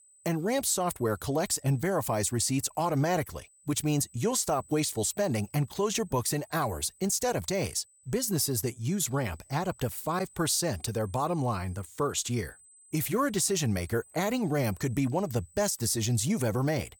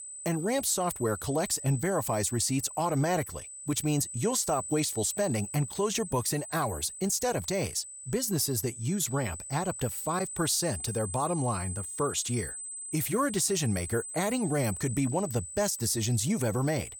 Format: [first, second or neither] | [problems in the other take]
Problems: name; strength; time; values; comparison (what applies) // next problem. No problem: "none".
first | high-pitched whine; loud; throughout; 8 kHz, 9 dB below the speech; faint in the first